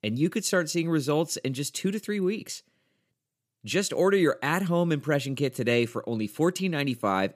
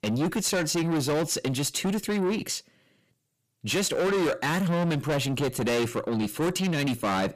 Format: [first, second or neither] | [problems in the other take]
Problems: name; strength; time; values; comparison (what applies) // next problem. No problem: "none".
first | distortion; heavy; 6 dB below the speech